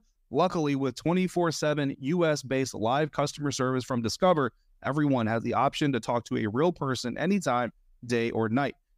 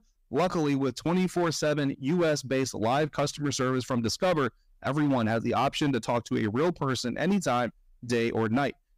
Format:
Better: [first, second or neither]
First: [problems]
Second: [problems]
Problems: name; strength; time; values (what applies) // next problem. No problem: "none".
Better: first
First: none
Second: distortion; slight; 9% of the sound clipped